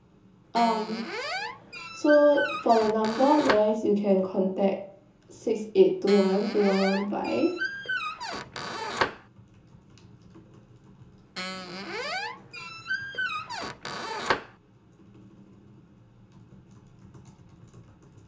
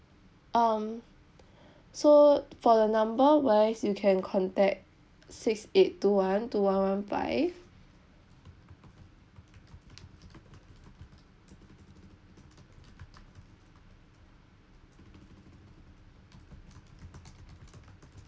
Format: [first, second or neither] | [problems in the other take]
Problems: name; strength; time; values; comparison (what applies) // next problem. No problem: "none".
second | background sound (Squeak); 5 dB below the speech // room echo; dies away in 0.8 s